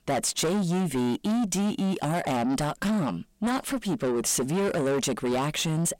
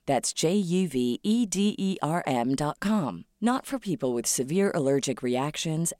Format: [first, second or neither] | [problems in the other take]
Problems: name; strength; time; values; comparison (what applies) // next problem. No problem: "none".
second | distortion; heavy; 7 dB below the speech